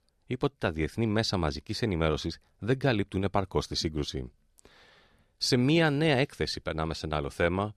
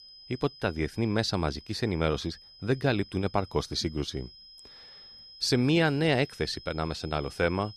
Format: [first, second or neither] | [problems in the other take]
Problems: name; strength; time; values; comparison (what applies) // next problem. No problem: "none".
first | high-pitched whine; noticeable; throughout; 5 kHz, 20 dB below the speech